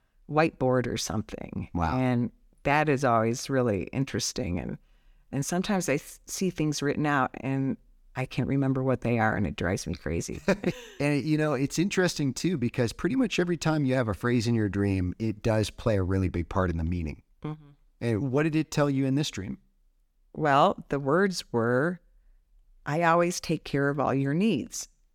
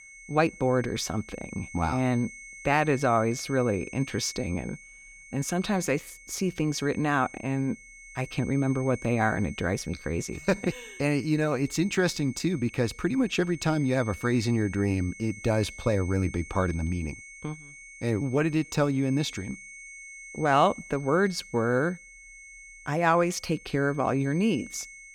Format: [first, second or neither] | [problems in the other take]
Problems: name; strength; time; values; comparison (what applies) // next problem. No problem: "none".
first | high-pitched whine; noticeable; throughout; 2 kHz, 15 dB below the speech